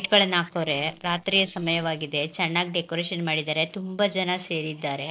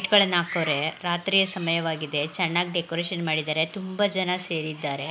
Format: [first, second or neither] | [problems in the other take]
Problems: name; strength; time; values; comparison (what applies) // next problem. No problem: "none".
second | noise reduction (neural separator model SepFormer DNS4)